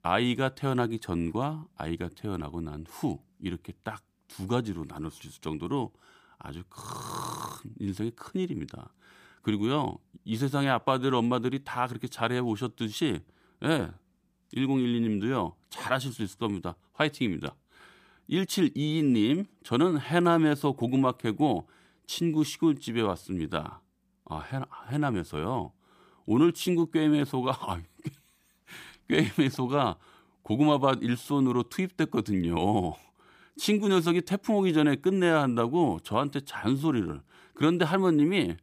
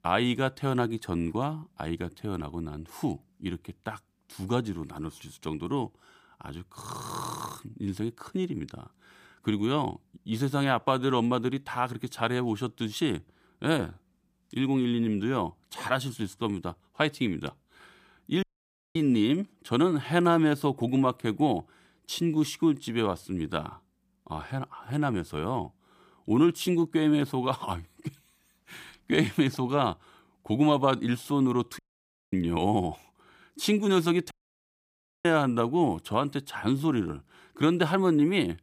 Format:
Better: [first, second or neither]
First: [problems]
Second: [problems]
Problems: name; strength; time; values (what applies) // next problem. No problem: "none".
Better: first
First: none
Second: audio cutting out; at 18 s for 0.5 s, at 32 s for 0.5 s and at 34 s for 1 s